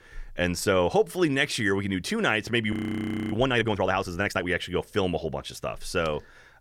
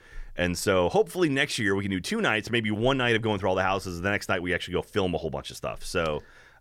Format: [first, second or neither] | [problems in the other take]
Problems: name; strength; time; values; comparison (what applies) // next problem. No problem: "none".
second | audio freezing; at 2.5 s for 0.5 s